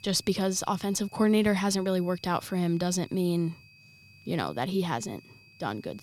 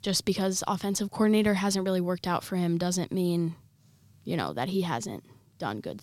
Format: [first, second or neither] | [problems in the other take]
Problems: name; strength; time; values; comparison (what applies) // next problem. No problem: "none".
second | high-pitched whine; faint; throughout; 2.5 kHz, 25 dB below the speech